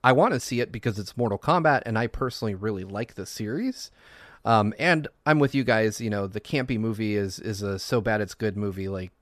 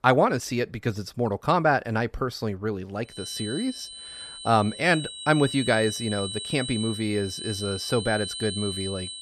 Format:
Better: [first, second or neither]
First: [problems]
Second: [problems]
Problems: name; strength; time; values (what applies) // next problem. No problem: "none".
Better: first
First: none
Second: high-pitched whine; loud; from 3 s on; 4 kHz, 7 dB below the speech